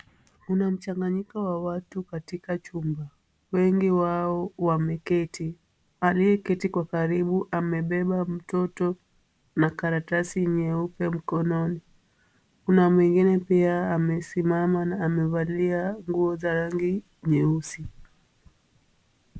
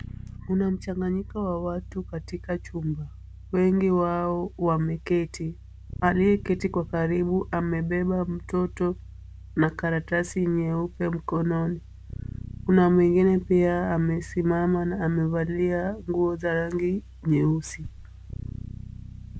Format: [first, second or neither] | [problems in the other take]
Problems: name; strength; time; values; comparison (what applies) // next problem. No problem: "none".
first | background sound (Bass guitar); 15 dB below the speech